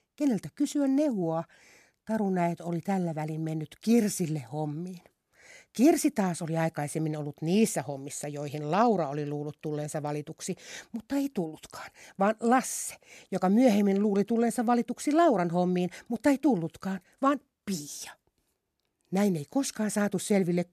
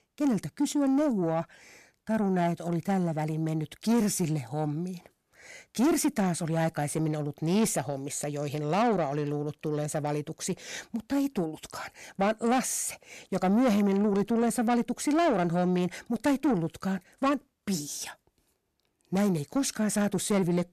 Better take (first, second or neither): first